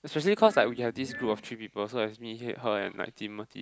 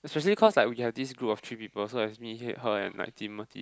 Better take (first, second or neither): second